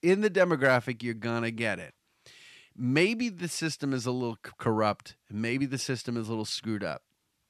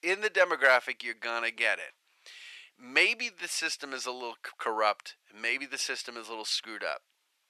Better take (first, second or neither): first